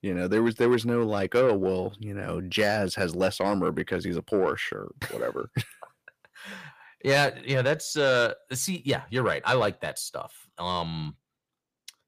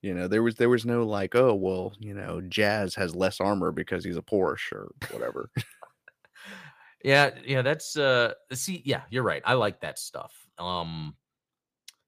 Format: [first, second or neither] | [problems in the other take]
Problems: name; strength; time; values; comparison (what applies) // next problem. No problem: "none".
second | distortion; slight; 10 dB below the speech